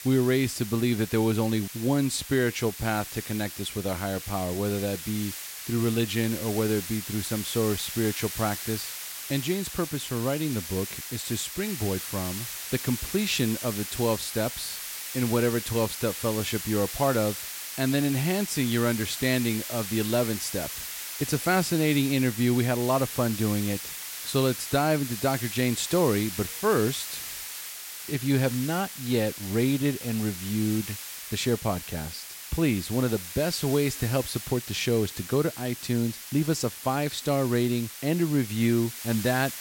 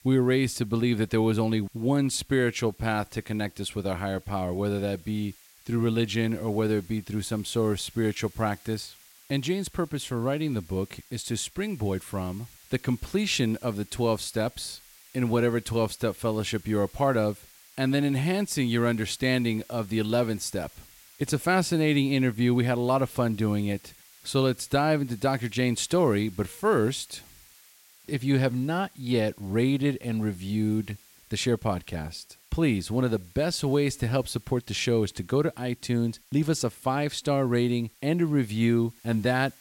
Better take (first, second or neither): second